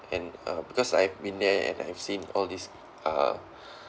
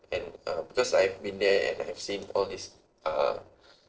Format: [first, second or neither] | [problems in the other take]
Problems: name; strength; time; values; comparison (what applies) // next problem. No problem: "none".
first | noise reduction (neural separator model SepFormer DNS4)